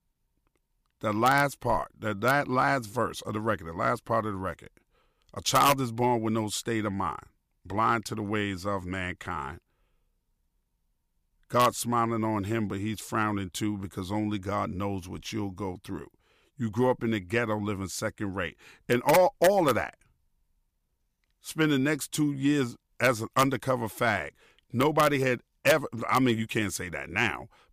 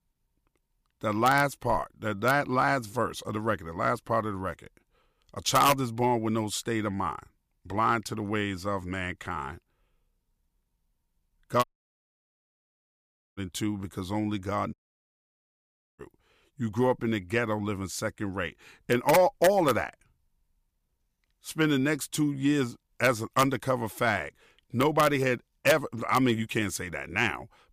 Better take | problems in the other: first | audio cutting out; at 12 s for 1.5 s and at 15 s for 1 s

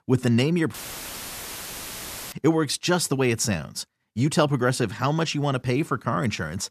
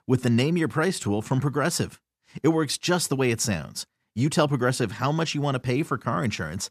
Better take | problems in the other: second | audio cutting out; filled with static; at 0.5 s for 1.5 s

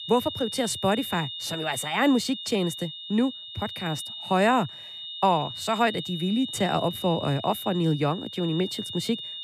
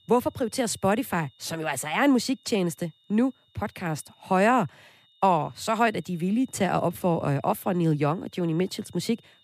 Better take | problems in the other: second | high-pitched whine; loud; throughout; 3.5 kHz, 8 dB below the speech; faint in the second

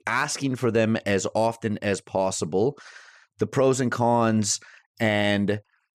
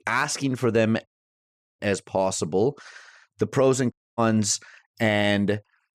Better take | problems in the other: first | audio cutting out; at 1 s for 0.5 s and at 4 s

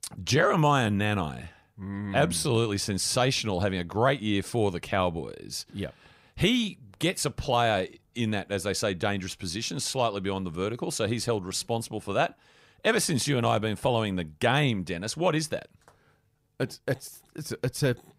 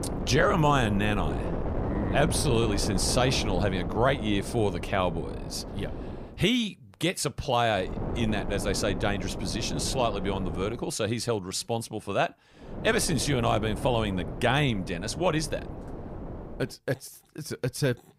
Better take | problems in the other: first | wind noise on the microphone; heavy; until 6.5 s, from 8 to 11 s and from 13 to 17 s; 10 dB below the speech

